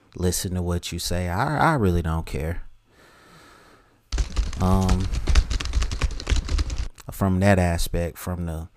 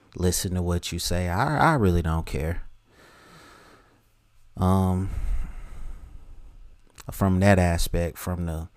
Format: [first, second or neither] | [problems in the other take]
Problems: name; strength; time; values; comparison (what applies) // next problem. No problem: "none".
second | keyboard typing; loud; from 4 to 7 s; peak level with the speech